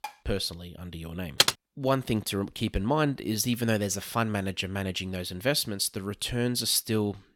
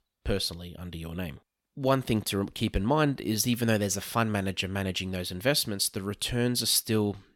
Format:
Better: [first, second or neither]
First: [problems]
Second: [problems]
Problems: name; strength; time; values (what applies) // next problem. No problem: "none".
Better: second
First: clattering dishes; faint; at the start; peak 15 dB below the speech // keyboard typing; loud; at 1.5 s; peak 6 dB above the speech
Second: none